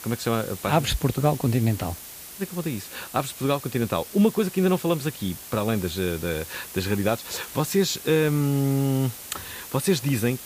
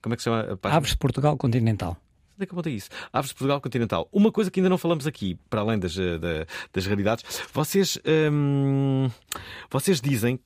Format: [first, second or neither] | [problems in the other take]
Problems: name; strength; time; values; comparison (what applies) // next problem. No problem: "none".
second | hiss; noticeable; throughout; 10 dB below the speech